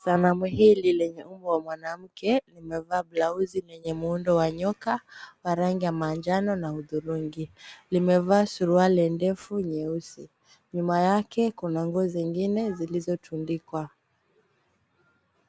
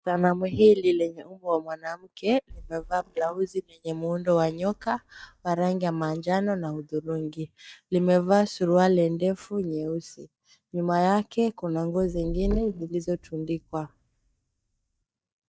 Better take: first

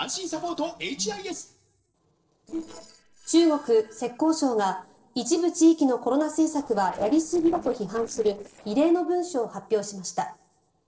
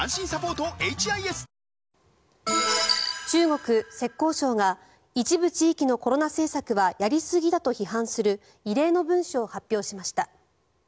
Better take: second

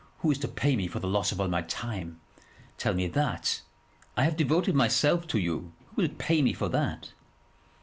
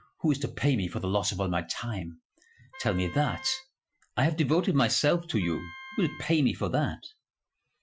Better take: first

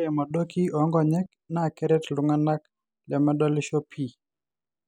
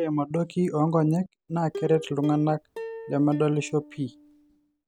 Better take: first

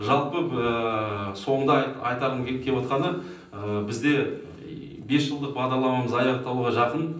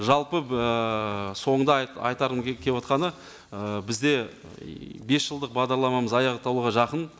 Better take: second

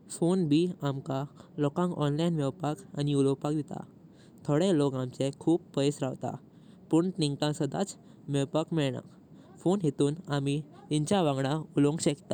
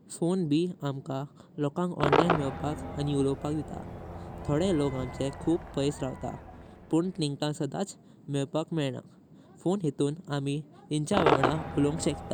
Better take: first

